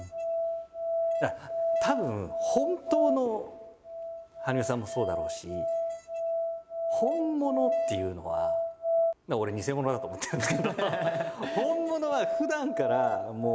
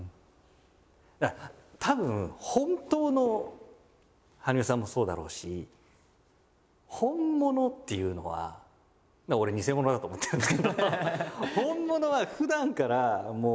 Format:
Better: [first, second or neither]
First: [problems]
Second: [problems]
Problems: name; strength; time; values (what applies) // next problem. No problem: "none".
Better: second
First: background sound (Musical instrument); 1 dB above the speech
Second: none